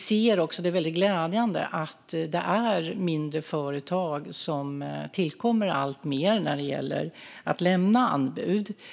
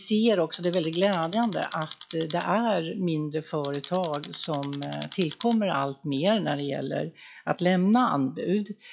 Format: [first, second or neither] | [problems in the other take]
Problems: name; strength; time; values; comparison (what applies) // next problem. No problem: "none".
first | noise reduction (classical method log-MMSE)